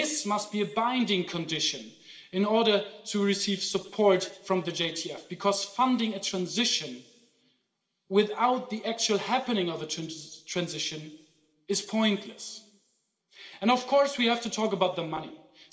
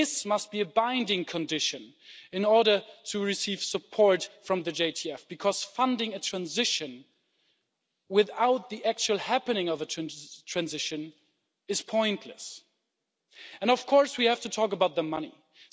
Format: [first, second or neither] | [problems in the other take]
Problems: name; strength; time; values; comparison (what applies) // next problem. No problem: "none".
second | room echo; dies away in 1.5 s